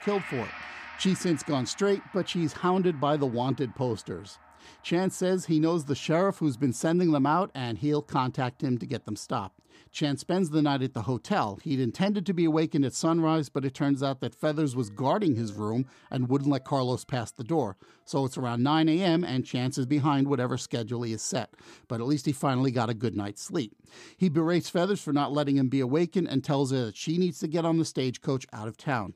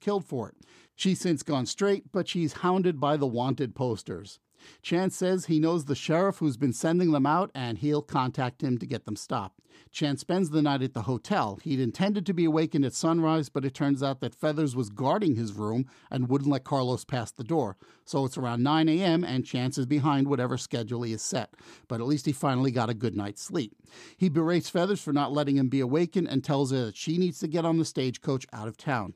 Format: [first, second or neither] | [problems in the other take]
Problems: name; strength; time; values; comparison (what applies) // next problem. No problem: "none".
second | background music; noticeable; throughout; 20 dB below the speech